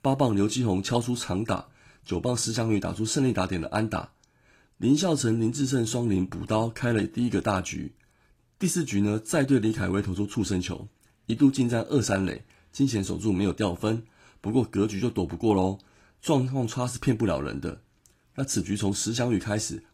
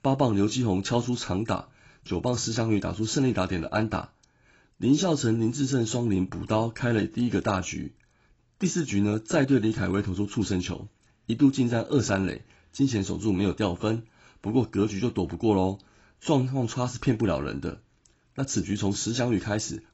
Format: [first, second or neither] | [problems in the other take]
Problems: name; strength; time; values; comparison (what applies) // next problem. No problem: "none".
first | garbled, watery; badly; nothing above 7.5 kHz; slightly in the first